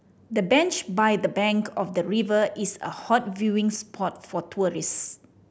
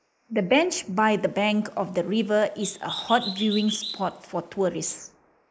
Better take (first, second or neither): first